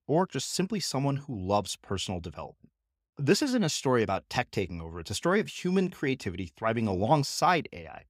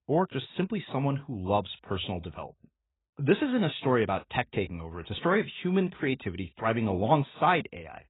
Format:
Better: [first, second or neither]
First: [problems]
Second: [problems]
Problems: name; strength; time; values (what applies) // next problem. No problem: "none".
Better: first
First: none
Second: garbled, watery; badly; nothing above 4 kHz